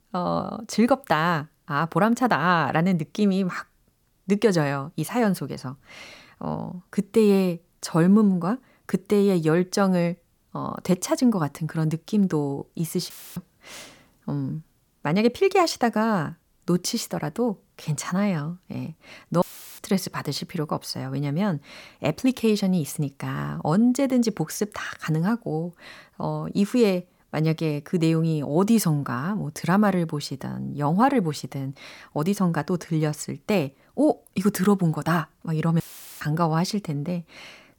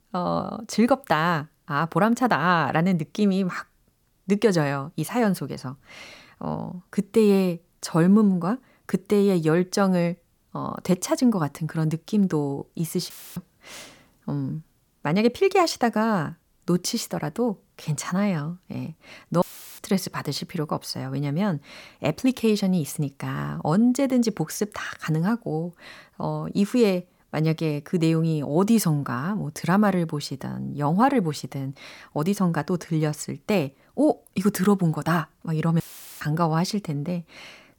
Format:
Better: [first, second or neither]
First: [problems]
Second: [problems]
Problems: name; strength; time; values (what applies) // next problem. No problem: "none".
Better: neither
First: audio cutting out; filled with static; at 13 s, at 19 s and at 36 s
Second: audio cutting out; filled with static; at 13 s, at 19 s and at 36 s